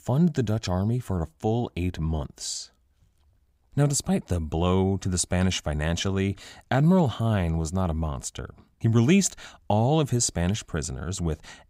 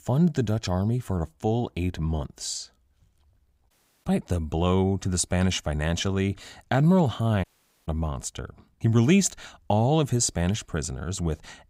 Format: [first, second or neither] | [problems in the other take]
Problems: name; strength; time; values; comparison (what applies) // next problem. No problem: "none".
first | audio cutting out; at 3.5 s and at 7.5 s